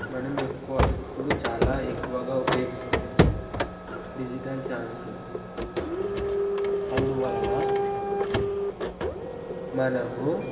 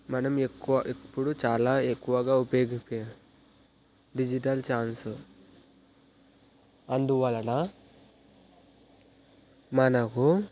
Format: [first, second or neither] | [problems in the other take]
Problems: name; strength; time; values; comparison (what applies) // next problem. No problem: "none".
second | background sound (Printer); 5 dB above the speech // room echo; dies away in 2.5 s